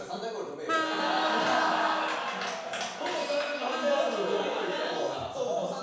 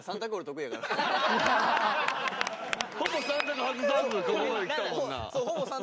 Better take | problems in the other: second | background sound (Vehicle horn, car horn, honking); 7 dB below the speech // room echo; dies away in 0.7 s

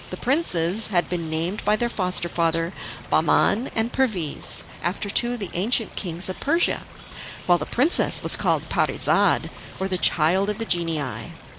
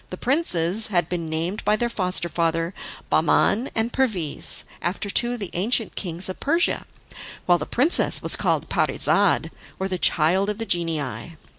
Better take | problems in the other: second | background sound (Water / Bird); 17 dB below the speech

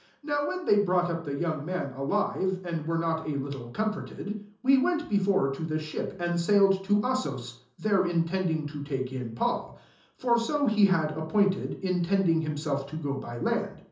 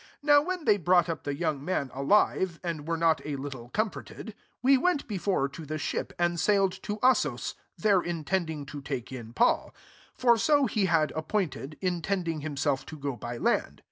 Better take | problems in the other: second | room echo; dies away in 0.6 s

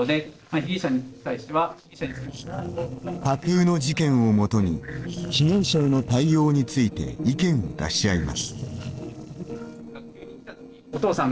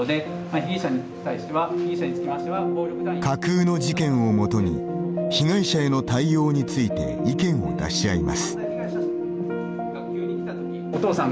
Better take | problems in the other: second | noise reduction (neural separator model SepFormer DNS4)

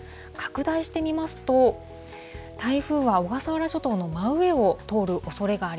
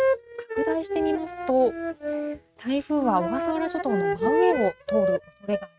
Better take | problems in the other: first | noise reduction (neural mask model RNNoise)

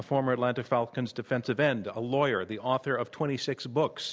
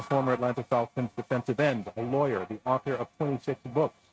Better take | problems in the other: first | noise reduction (neural mask model RNNoise)

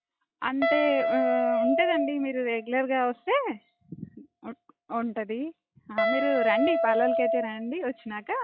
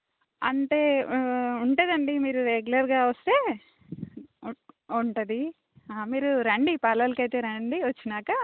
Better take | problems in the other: second | noise reduction (classical method log-MMSE)

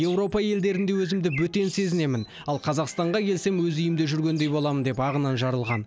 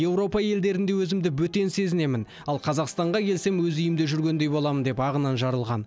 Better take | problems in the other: second | background sound (Bird); 19 dB below the speech

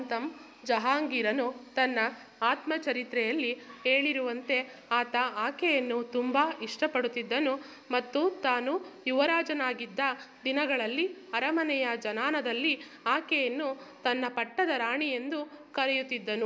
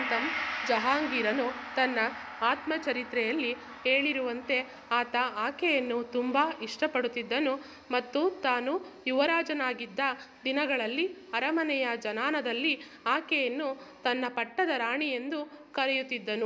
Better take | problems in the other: first | background sound (Gong); 13 dB below the speech

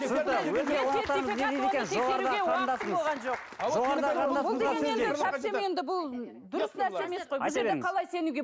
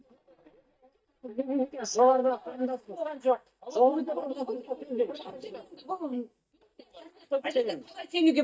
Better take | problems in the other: first | noise reduction (neural mask model DeepFilterNet 3)

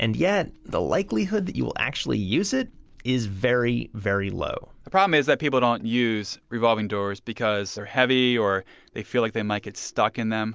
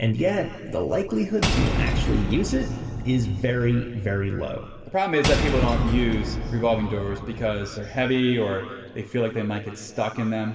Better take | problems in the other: first | background sound (Shatter / Boom); 3 dB below the speech // room echo; dies away in 2 s

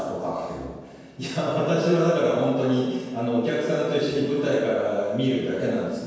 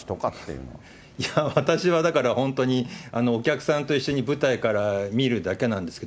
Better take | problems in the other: second | room echo; dies away in 1.2 s

